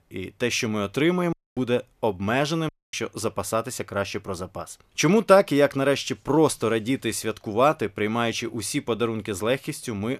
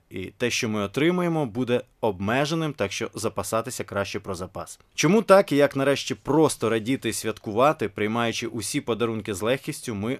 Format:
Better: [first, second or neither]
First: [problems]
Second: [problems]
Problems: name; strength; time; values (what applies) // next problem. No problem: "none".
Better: second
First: audio cutting out; at 1.5 s and at 2.5 s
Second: none